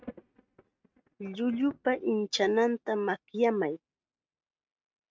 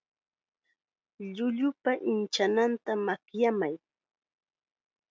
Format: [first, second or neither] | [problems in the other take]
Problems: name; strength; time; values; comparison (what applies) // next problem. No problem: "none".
second | noise reduction (neural mask model RNNoise)